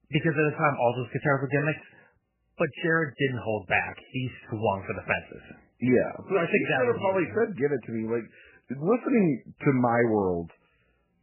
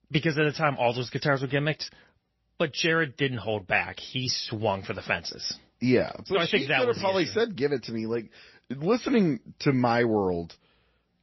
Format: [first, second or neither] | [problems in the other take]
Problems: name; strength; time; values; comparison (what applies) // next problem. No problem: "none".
second | garbled, watery; badly; nothing above 3 kHz; slightly in the second